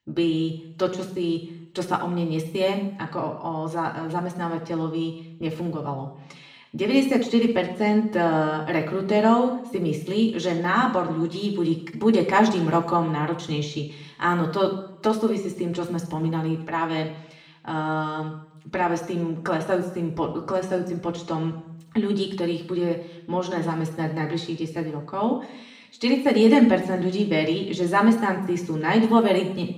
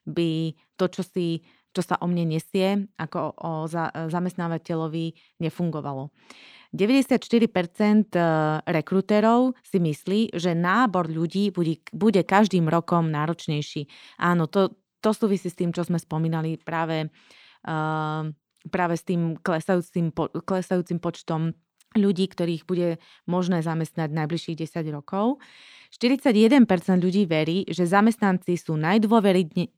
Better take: second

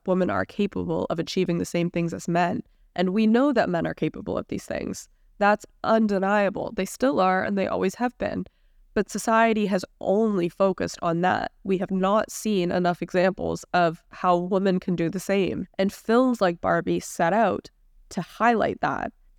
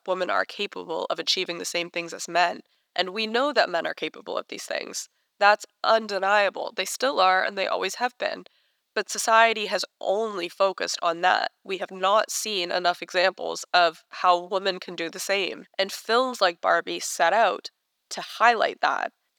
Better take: first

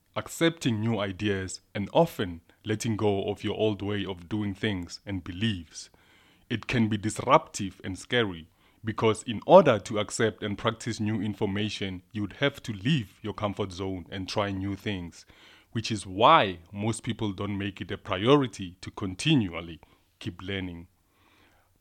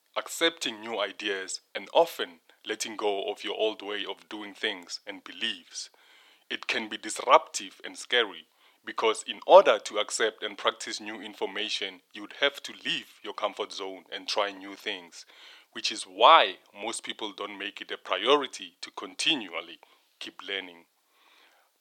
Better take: first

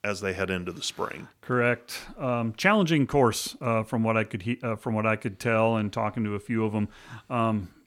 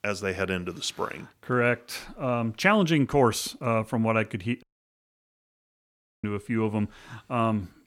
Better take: first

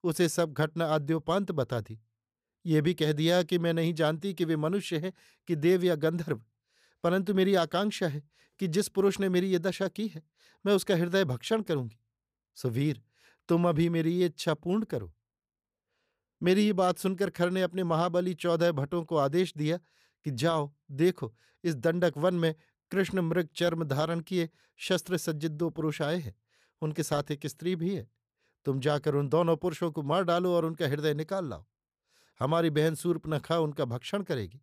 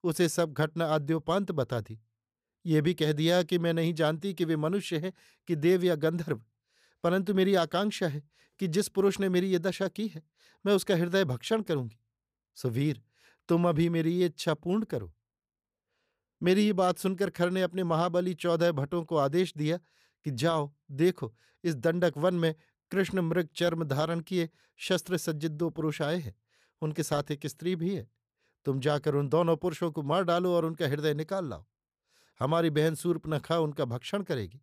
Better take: neither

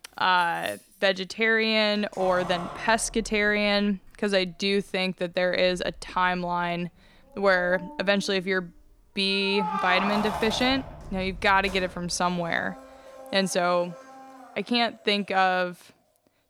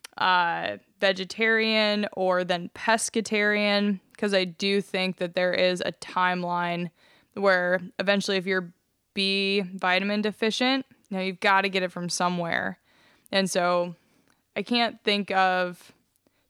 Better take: second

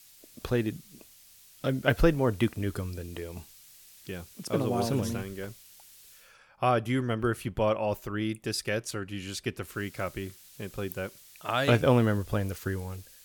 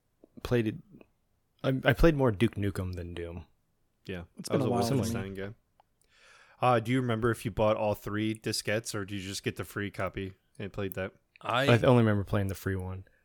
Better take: second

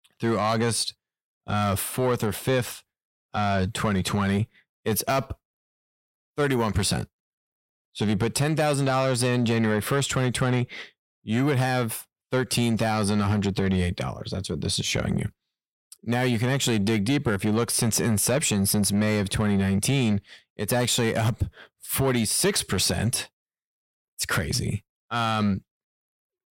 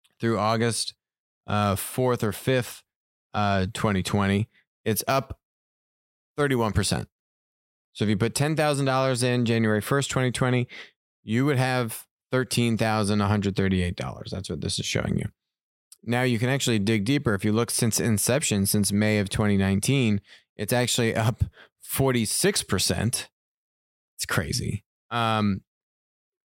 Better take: second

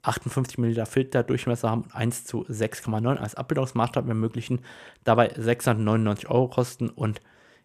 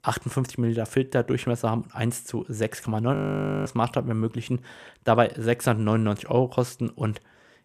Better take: first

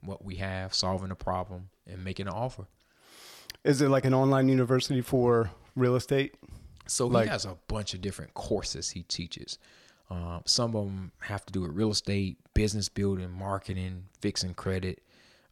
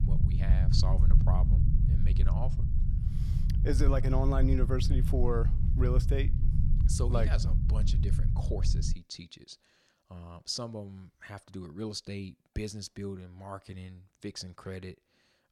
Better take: first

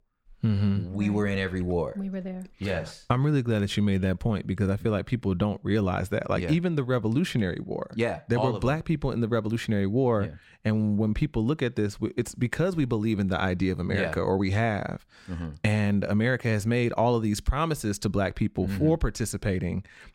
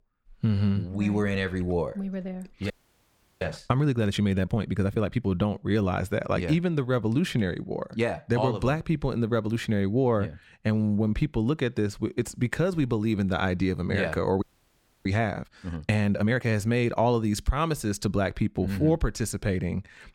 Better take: first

